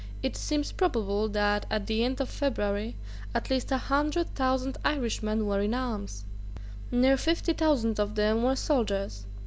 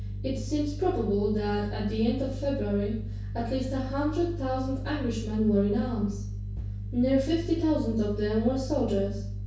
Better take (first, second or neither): first